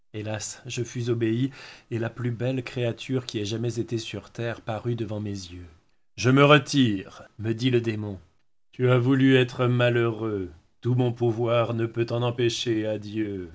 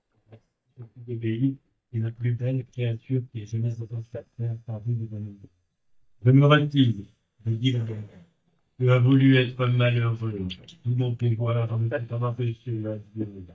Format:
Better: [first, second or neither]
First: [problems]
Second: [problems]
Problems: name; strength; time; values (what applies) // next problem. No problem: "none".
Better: first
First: none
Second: noise reduction (neural mask model DeepFilterNet 3)